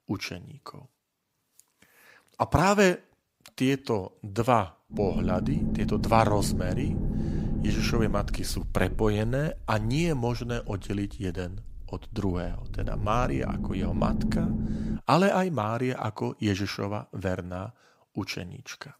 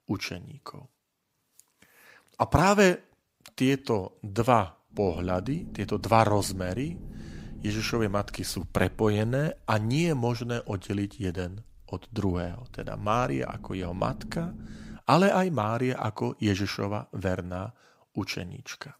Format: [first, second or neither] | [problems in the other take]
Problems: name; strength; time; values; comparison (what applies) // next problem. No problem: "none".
second | low rumble; loud; from 5 to 15 s; 10 dB below the speech; faint in the second